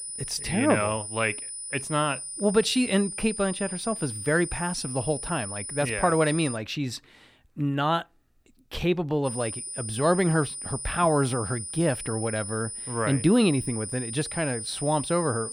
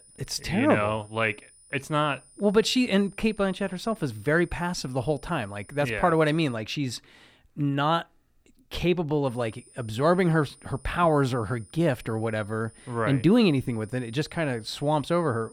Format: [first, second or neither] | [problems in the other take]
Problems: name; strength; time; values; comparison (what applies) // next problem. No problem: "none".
second | high-pitched whine; loud; until 6.5 s and from 9.5 s on; 9.5 kHz, 7 dB below the speech; faint in the second